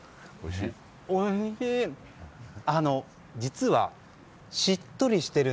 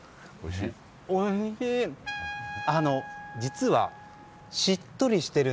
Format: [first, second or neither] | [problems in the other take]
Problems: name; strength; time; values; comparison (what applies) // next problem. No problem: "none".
first | background sound (Trumpet); 14 dB below the speech